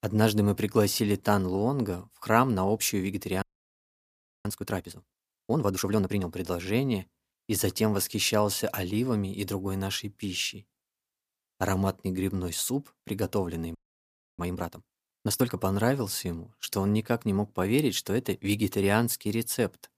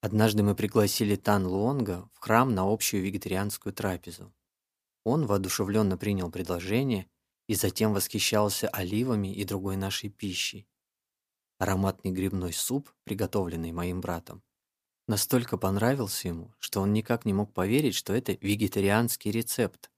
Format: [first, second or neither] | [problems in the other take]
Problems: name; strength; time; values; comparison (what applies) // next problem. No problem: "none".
second | audio freezing; at 3.5 s for 1 s and at 14 s for 0.5 s